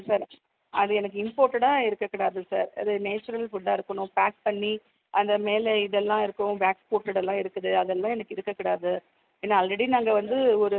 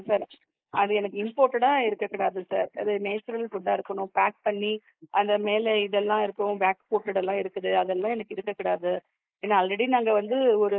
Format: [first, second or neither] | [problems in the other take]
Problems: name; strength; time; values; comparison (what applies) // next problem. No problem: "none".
first | noise reduction (neural mask model Resemble Enhance denoiser)